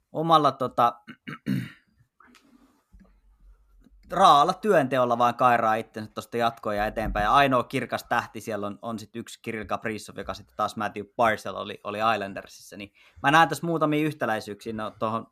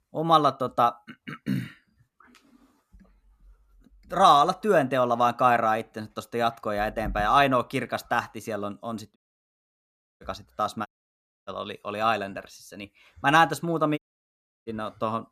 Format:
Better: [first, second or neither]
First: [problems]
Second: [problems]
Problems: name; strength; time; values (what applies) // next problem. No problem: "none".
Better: first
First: none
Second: audio cutting out; at 9 s for 1 s, at 11 s for 0.5 s and at 14 s for 0.5 s